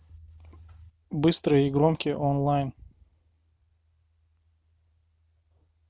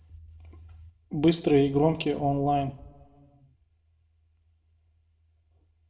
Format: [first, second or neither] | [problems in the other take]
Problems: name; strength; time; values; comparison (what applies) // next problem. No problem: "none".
first | room echo; dies away in 0.7 s